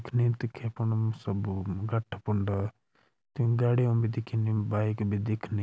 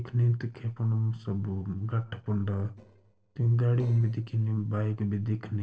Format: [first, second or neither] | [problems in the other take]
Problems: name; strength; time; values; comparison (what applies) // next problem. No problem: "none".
first | noise reduction (neural separator model SepFormer DNS4)